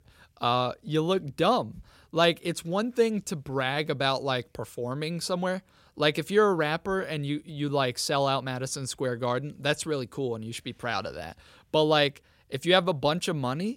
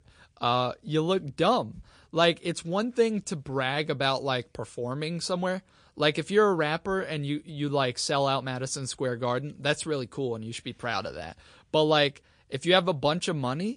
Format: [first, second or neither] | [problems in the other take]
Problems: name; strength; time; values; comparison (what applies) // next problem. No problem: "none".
first | garbled, watery; slightly; nothing above 9 kHz